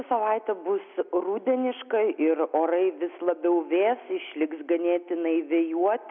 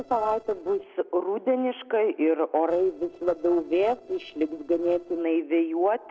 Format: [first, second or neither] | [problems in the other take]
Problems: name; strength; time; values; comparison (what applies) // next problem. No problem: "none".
first | noise reduction (neural separator model SepFormer DNS4)